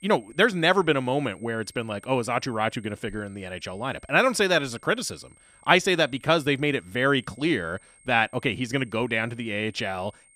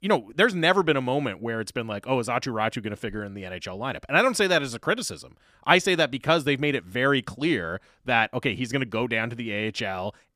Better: second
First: high-pitched whine; faint; throughout; 8.5 kHz, 30 dB below the speech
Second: none

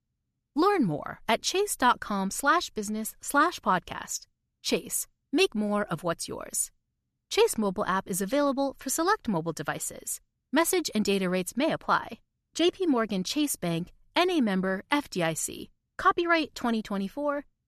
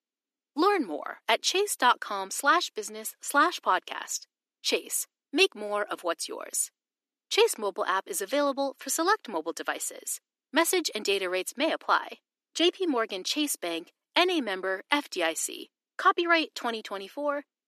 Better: first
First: none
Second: thin; somewhat; fading below 300 Hz

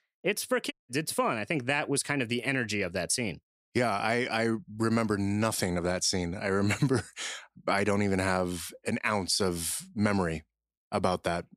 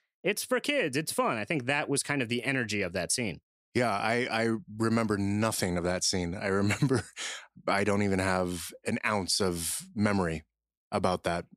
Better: second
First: audio cutting out; at 0.5 s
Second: none

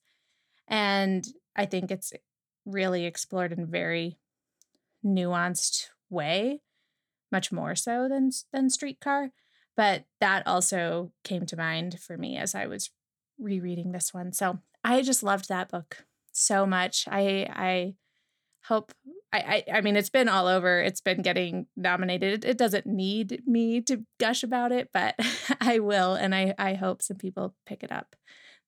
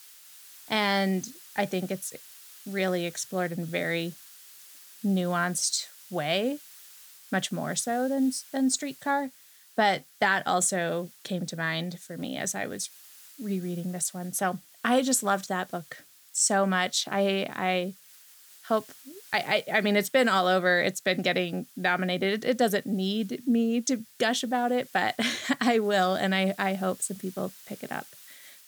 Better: first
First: none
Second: hiss; faint; throughout; 20 dB below the speech

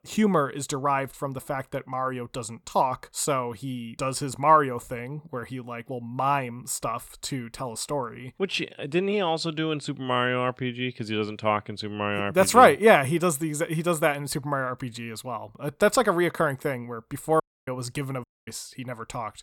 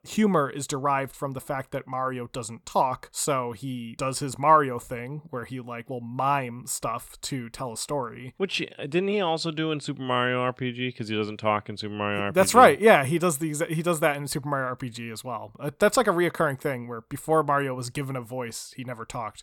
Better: second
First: audio cutting out; at 17 s and at 18 s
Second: none

